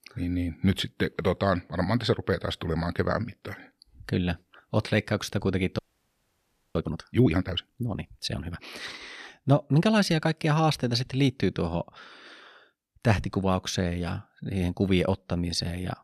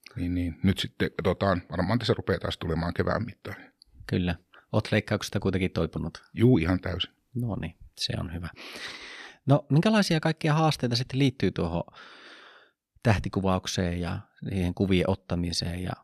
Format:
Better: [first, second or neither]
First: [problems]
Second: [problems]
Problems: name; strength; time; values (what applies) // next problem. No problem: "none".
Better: second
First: audio freezing; at 6 s for 1 s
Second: none